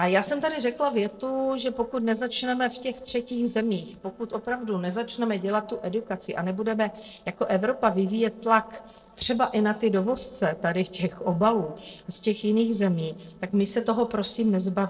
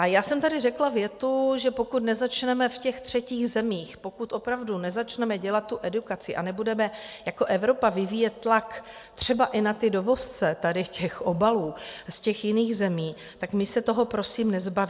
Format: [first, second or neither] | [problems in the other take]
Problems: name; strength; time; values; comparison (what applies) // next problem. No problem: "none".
second | noise reduction (neural separator model SepFormer DNS4)